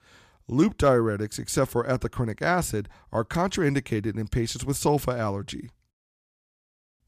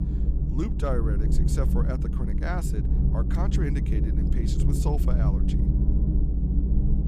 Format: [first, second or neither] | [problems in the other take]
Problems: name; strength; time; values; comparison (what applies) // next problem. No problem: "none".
first | low rumble; loud; throughout; 2 dB below the speech